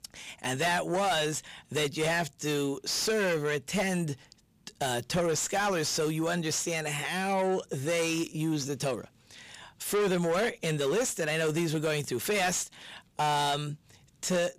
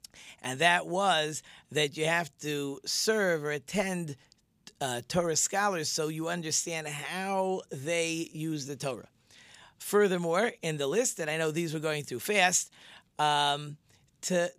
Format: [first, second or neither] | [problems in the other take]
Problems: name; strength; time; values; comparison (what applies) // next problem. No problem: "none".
second | distortion; heavy; 6 dB below the speech